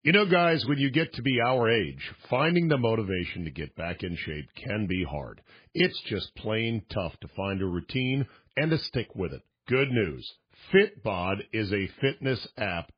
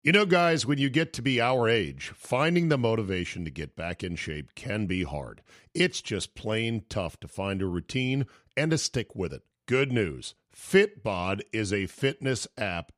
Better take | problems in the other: second | garbled, watery; badly; nothing above 5 kHz

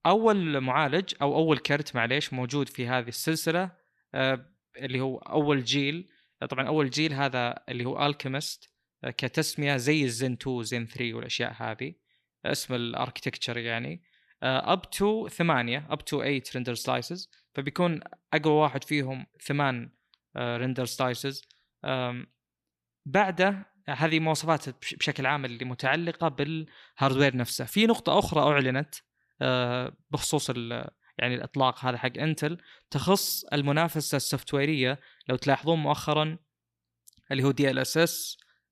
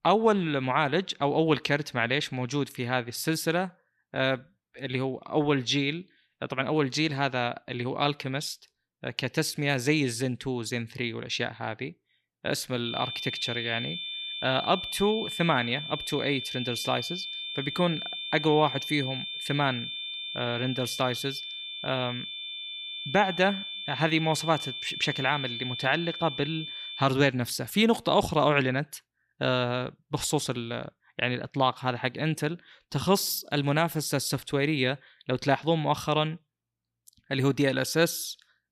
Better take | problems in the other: first | high-pitched whine; loud; from 13 to 27 s; 3.5 kHz, 6 dB below the speech

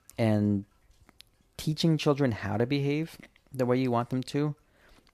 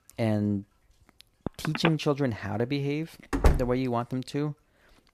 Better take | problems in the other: first | phone ringing; noticeable; at 1.5 s; peak 1 dB below the speech // door banging; loud; at 3.5 s; peak 3 dB above the speech

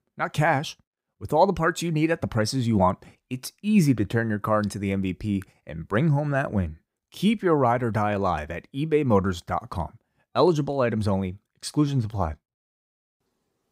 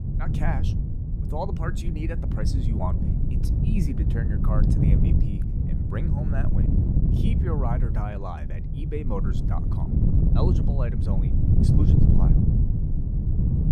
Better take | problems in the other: first | wind noise on the microphone; heavy; 1 dB above the speech

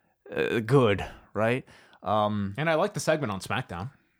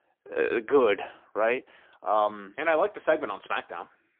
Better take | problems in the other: first | phone-call audio; poor line; nothing above 3.5 kHz

